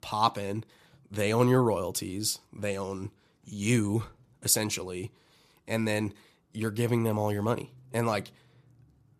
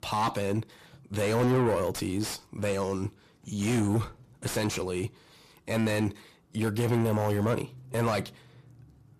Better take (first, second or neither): first